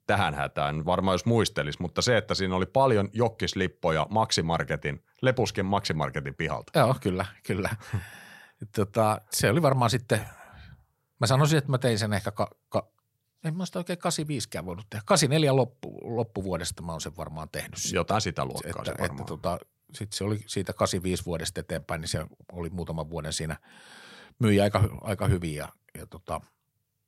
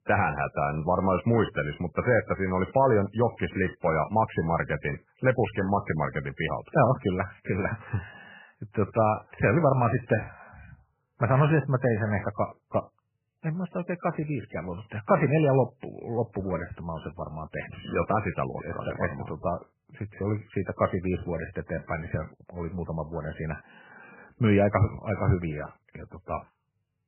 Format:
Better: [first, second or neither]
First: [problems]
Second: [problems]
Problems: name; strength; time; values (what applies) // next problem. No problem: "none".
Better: first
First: none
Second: garbled, watery; badly; nothing above 3 kHz